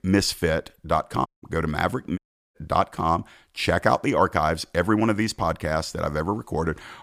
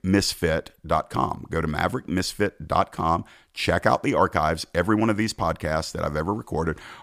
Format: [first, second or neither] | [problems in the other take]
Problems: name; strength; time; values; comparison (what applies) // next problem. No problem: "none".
second | audio cutting out; at 1.5 s and at 2 s